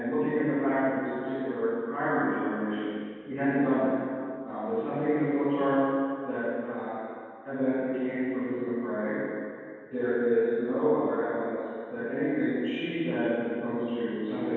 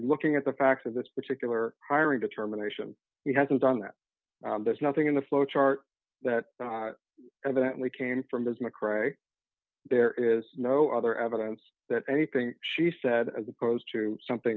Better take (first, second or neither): second